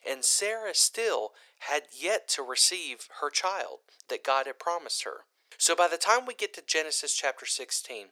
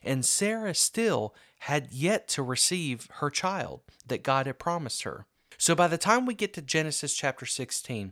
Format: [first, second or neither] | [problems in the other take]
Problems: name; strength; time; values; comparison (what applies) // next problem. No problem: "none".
second | thin; very; fading below 400 Hz